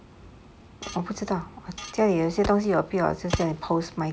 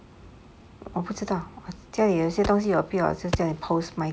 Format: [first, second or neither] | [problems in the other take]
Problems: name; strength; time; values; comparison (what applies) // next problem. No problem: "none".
second | background sound (Tools); 18 dB below the speech